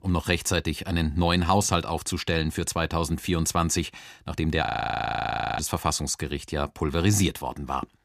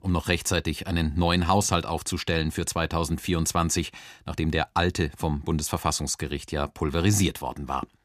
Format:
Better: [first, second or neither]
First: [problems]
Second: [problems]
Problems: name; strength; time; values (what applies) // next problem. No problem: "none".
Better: second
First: audio freezing; at 4.5 s for 1 s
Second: none